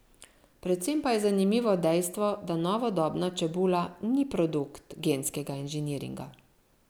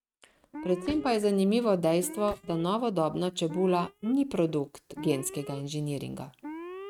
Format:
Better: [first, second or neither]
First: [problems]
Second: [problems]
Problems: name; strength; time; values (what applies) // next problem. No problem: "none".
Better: first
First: none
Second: noise reduction (neural mask model RNNoise)